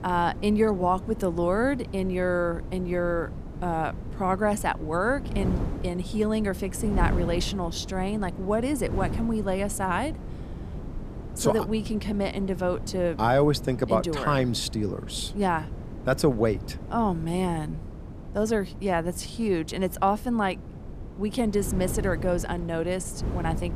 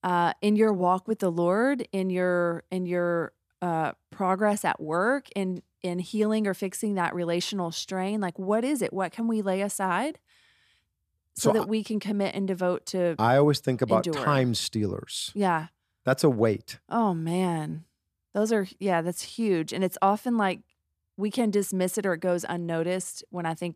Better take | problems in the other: second | wind noise on the microphone; occasional gusts; 15 dB below the speech

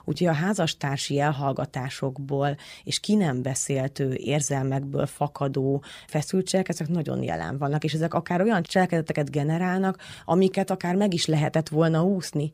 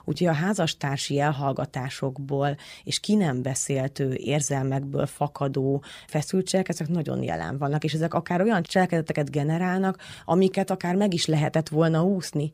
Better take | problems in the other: neither | none

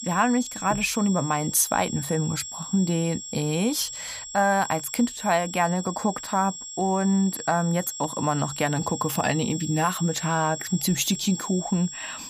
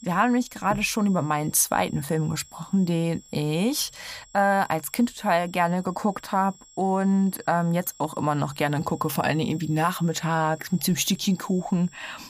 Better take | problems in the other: second | high-pitched whine; loud; throughout; 7.5 kHz, 9 dB below the speech; faint in the second

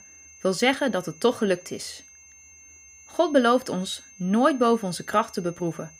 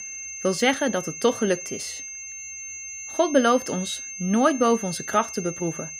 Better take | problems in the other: first | high-pitched whine; loud; throughout; 6.5 kHz, 9 dB below the speech; faint in the first

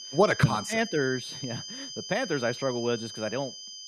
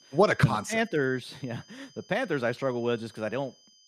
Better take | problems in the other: second | high-pitched whine; loud; throughout; 5 kHz, 9 dB below the speech; faint in the second

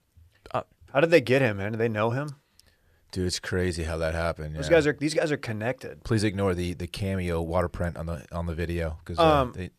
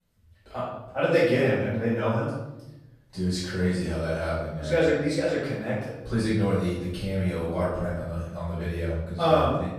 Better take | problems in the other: first | room echo; strong; dies away in 0.8 s // off-mic speech; far

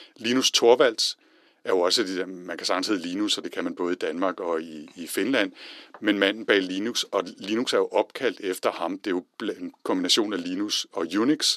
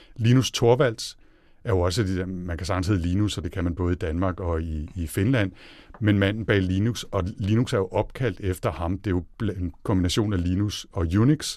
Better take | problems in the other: second | thin; somewhat; fading below 300 Hz

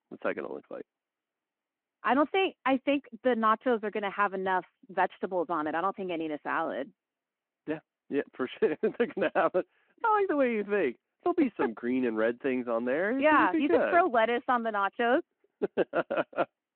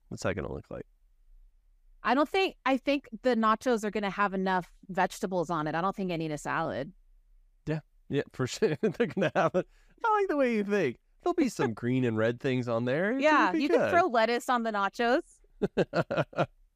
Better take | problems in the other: second | phone-call audio

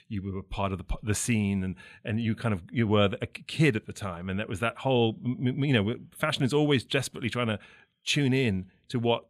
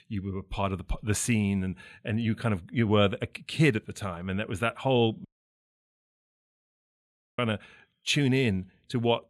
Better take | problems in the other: first | audio cutting out; at 5.5 s for 2 s

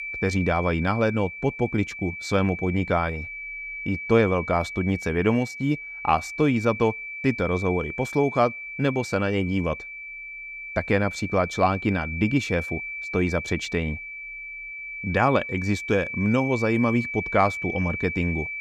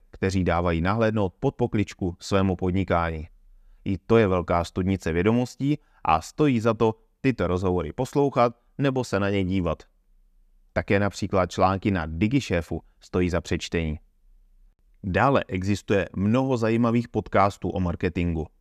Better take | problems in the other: second | high-pitched whine; loud; throughout; 2.5 kHz, 8 dB below the speech

